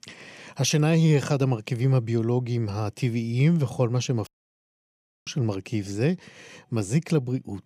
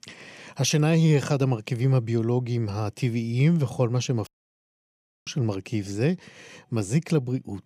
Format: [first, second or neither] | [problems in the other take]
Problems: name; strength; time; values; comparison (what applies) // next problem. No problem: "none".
neither | audio cutting out; at 4.5 s for 1 s; the same in both